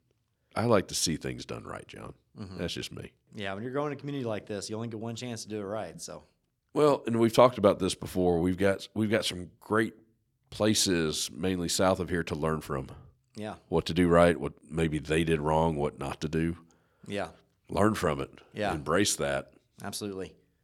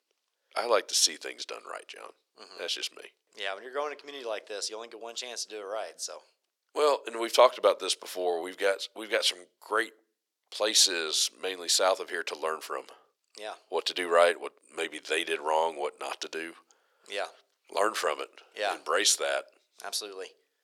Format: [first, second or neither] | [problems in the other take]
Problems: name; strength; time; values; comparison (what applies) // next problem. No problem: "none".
first | thin; very; fading below 450 Hz